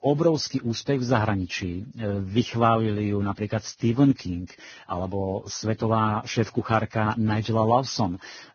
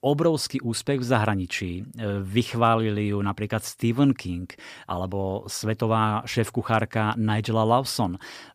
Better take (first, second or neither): second